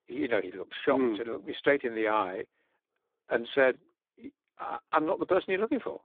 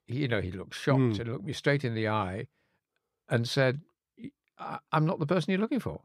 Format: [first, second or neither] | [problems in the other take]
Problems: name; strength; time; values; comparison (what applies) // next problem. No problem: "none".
second | phone-call audio; poor line; nothing above 3.5 kHz